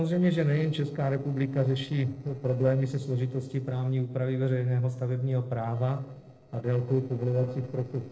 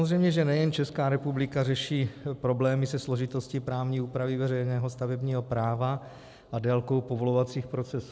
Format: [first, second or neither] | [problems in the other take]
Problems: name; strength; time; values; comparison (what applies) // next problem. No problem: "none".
second | noise reduction (neural separator model SepFormer DNS4)